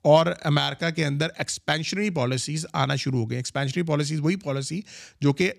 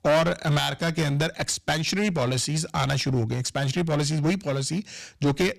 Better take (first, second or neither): first